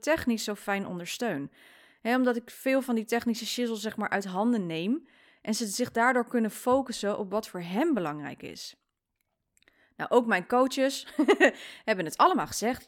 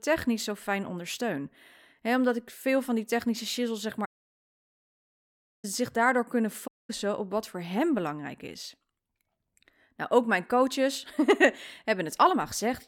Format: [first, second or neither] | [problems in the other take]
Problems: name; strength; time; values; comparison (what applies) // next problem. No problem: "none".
first | audio cutting out; at 4 s for 1.5 s and at 6.5 s